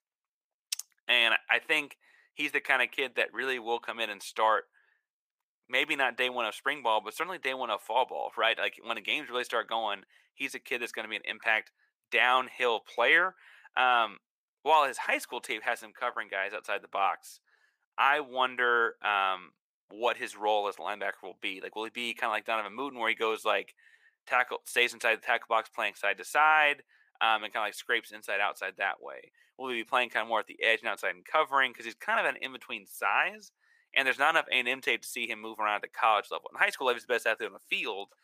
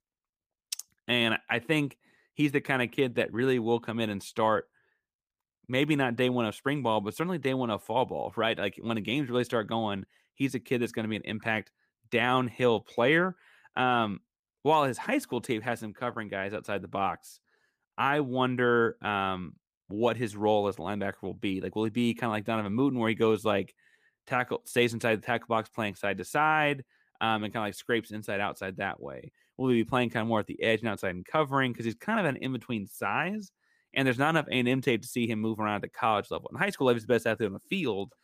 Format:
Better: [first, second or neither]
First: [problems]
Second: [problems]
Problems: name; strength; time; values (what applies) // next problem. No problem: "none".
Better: second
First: thin; very; fading below 750 Hz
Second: none